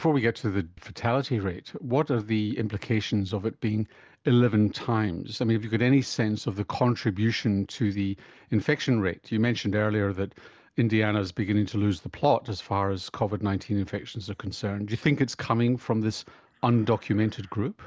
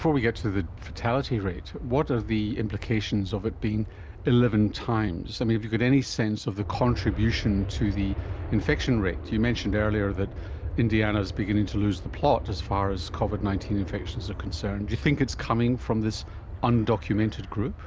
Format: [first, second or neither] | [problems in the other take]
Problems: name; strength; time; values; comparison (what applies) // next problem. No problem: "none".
first | background sound (Aircraft); 9 dB below the speech